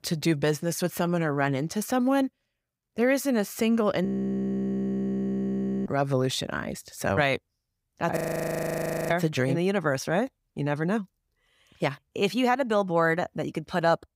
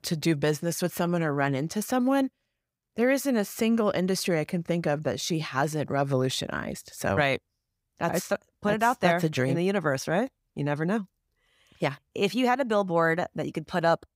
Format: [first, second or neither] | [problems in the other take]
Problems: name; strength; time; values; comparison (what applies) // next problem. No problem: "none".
second | audio freezing; at 4 s for 2 s and at 8 s for 1 s